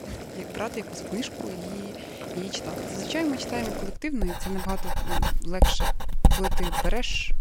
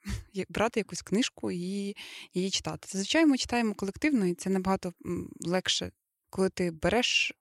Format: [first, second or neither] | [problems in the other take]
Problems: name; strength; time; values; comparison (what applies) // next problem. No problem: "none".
second | household noises; very loud; throughout; 2 dB above the speech